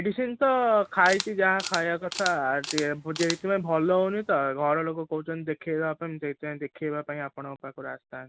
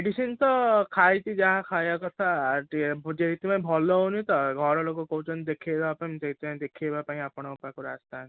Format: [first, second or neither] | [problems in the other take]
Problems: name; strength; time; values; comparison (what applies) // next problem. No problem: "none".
second | background sound (Camera); 11 dB below the speech